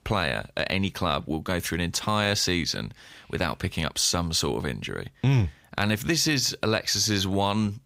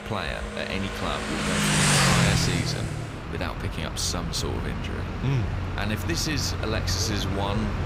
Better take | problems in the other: first | traffic noise; very loud; throughout; 3 dB above the speech

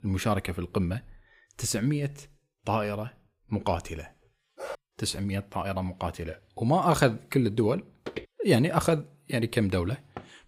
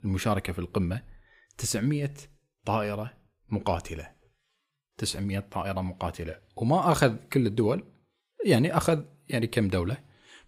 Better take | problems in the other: second | dog barking; faint; at 4.5 s; peak 10 dB below the speech // footsteps; faint; at 8 s; peak 10 dB below the speech // door banging; faint; at 10 s; peak 20 dB below the speech

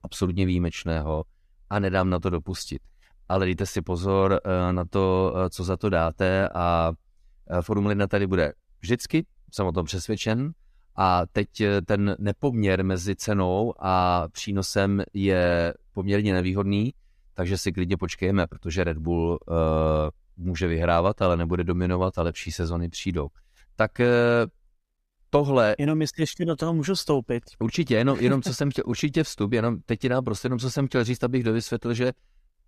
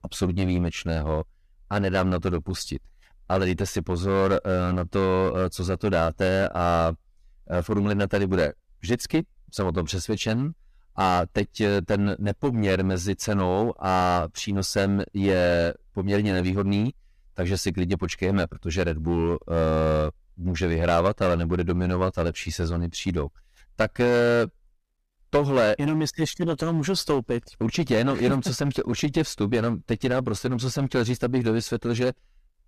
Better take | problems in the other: first | distortion; slight; 7% of the sound clipped

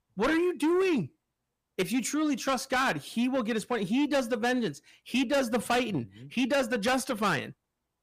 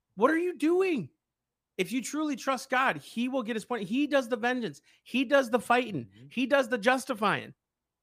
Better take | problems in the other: second | distortion; heavy; 7 dB below the speech

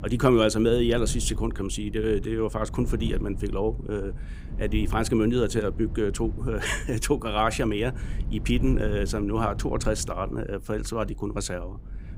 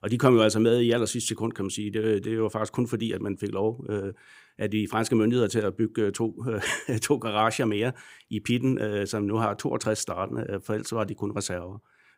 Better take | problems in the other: second | low rumble; noticeable; throughout; 20 dB below the speech

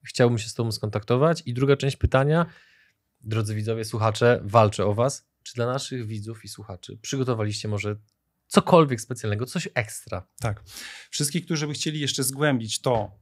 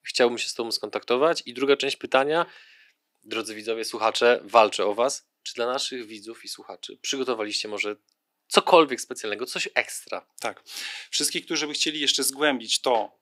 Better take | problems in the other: first | thin; somewhat; fading below 300 Hz

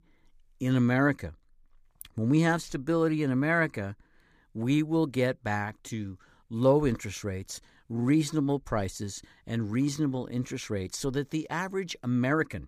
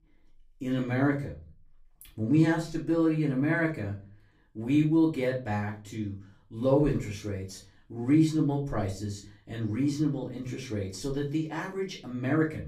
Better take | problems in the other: first | off-mic speech; far // room echo; slight; dies away in 0.3 s

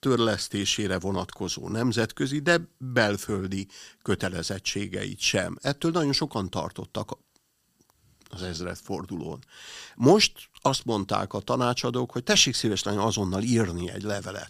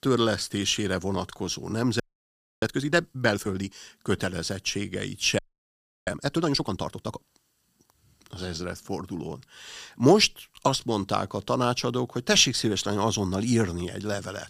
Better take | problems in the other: first | audio freezing; at 2 s for 0.5 s and at 5.5 s for 0.5 s

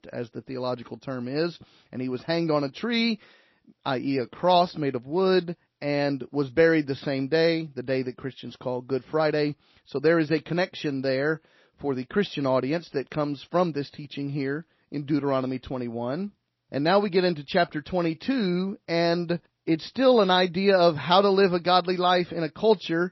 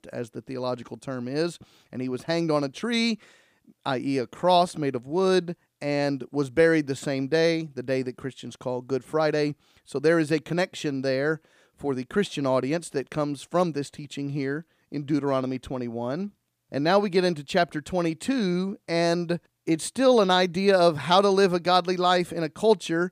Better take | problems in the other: second | garbled, watery; slightly; nothing above 5.5 kHz

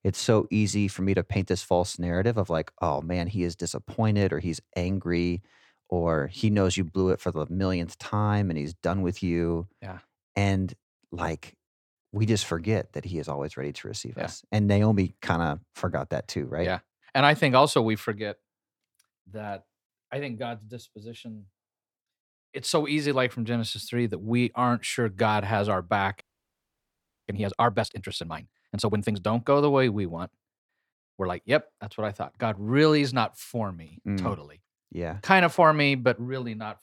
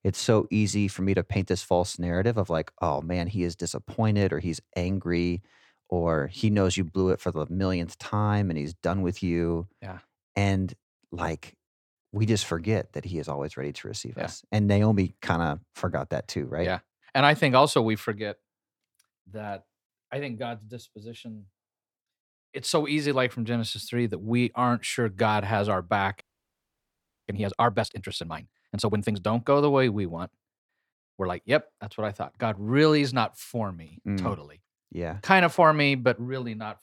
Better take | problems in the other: neither | audio freezing; at 26 s for 1 s; the same in both

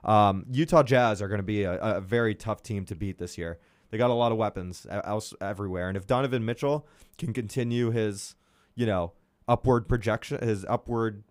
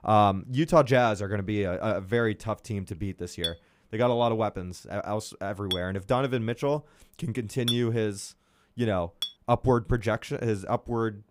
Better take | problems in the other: first | clattering dishes; noticeable; from 3.5 to 9.5 s; peak 3 dB below the speech

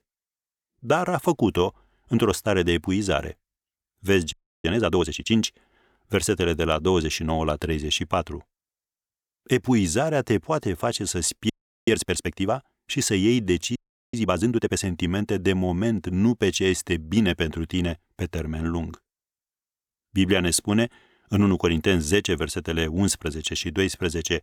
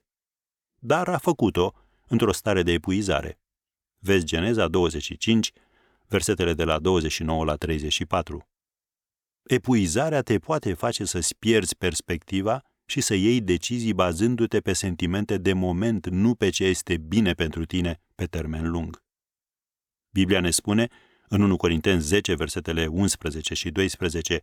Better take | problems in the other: second | audio freezing; at 4.5 s, at 12 s and at 14 s

